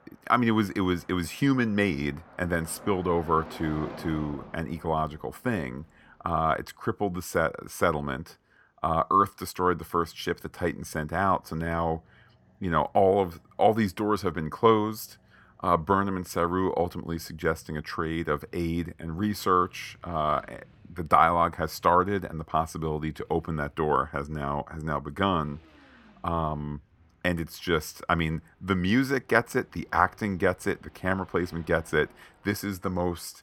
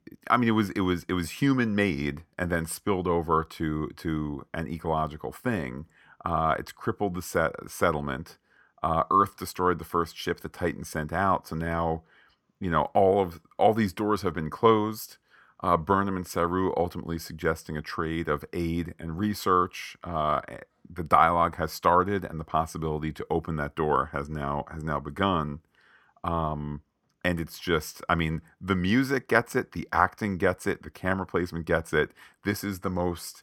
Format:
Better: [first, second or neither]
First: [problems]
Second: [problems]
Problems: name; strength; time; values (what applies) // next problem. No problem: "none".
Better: second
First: traffic noise; faint; throughout; 25 dB below the speech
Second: none